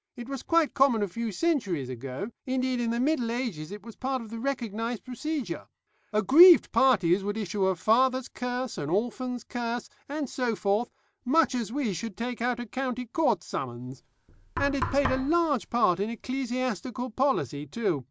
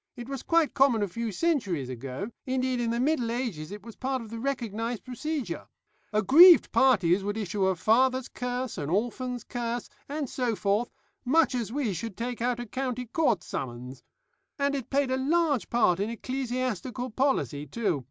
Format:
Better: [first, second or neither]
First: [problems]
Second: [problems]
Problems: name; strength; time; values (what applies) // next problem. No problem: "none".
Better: second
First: background sound (Knock); 9 dB below the speech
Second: none